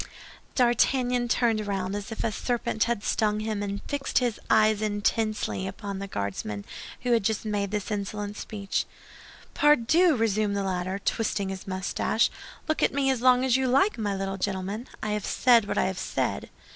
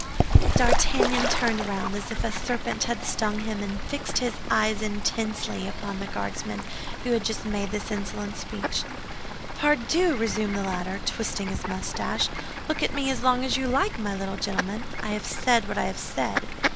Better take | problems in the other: first | background sound (Bird / Fowl); as loud as the speech

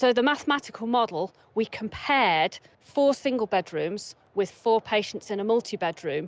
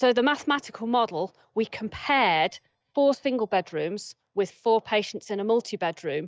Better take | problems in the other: first | noise reduction (neural mask model DeepFilterNet 3)

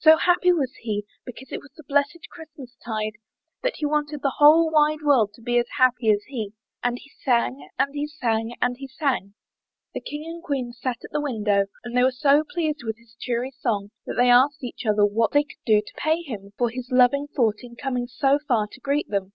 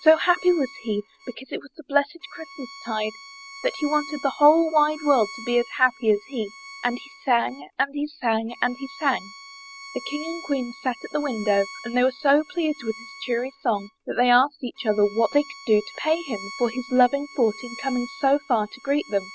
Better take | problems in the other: first | background sound (Bowed string instrument); 18 dB below the speech

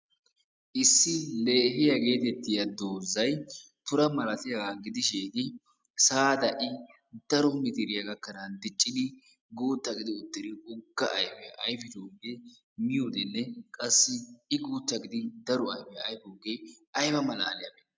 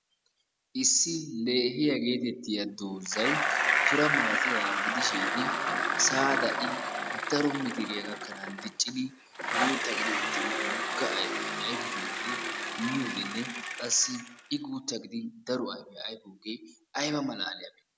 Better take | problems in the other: first | background sound (Bicycle); as loud as the speech

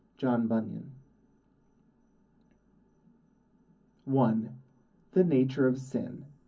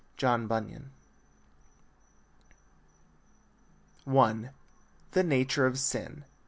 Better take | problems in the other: second | room echo; dies away in 0.4 s

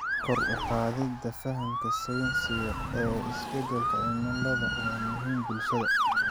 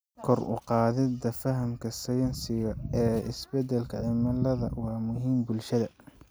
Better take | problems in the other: second | background sound (Motor vehicle (road) / Siren); 1 dB above the speech

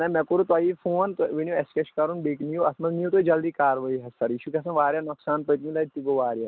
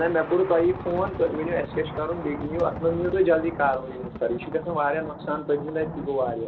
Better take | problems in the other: first | background sound (Thunder); 11 dB below the speech // room echo; dies away in 0.2 s

